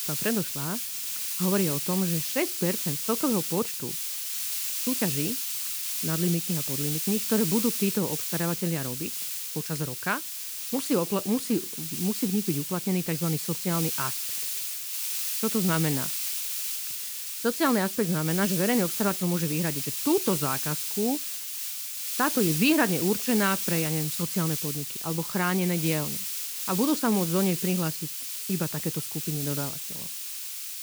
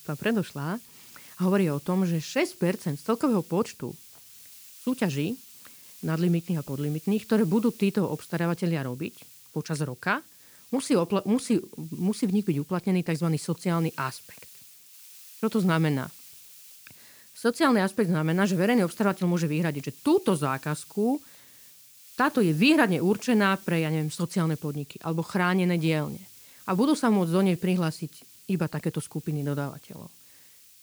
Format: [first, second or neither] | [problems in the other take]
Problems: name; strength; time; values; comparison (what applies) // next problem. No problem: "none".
second | hiss; loud; throughout; 1 dB below the speech; faint in the second